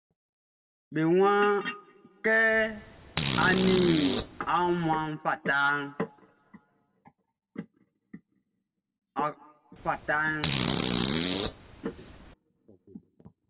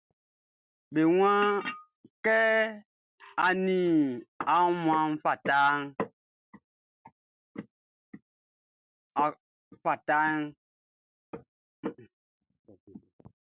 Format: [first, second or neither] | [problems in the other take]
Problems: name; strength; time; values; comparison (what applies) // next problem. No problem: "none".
second | background sound (Fart); 2 dB below the speech // room echo; dies away in 1.1 s